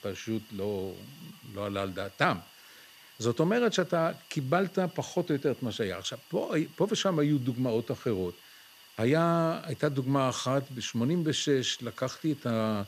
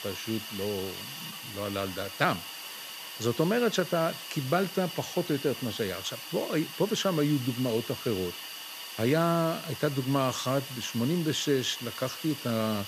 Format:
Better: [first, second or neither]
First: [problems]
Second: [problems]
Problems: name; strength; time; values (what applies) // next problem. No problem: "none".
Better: first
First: hiss; faint; throughout; 25 dB below the speech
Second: hiss; loud; throughout; 9 dB below the speech